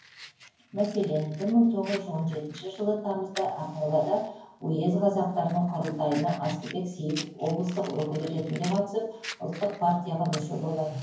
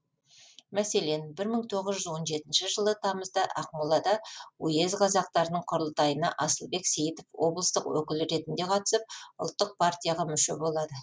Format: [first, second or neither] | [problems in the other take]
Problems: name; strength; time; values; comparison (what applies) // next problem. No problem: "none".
second | background sound (Fire); 18 dB below the speech // room echo; dies away in 0.9 s